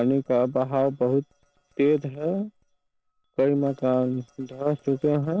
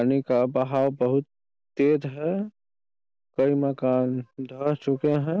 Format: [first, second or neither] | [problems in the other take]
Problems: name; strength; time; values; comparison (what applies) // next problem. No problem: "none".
second | noise reduction (neural separator model SepFormer DNS4)